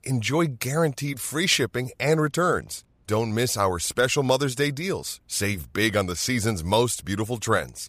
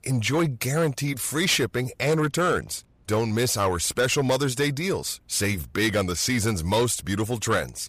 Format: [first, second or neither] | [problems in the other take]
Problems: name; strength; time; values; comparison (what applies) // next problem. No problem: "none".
first | distortion; slight; 10 dB below the speech